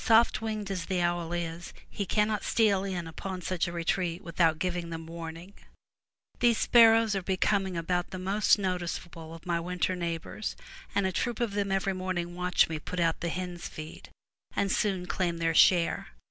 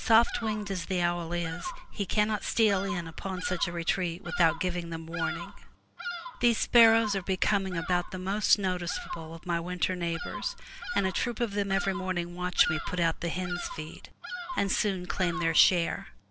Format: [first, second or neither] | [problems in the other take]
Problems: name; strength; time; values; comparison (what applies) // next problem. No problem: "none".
first | background sound (Bird vocalization, bird call, bird song); 11 dB below the speech